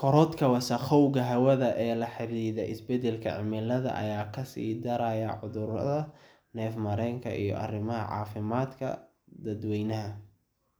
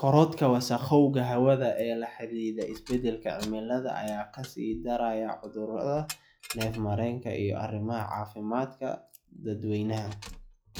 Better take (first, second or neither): first